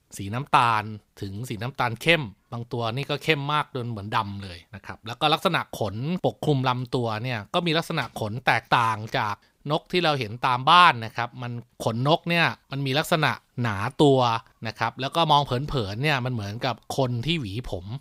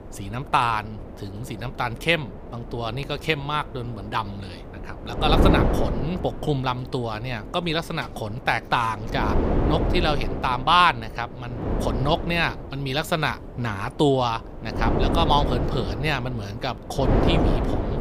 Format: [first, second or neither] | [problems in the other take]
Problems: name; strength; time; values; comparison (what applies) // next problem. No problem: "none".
first | wind noise on the microphone; heavy; 5 dB below the speech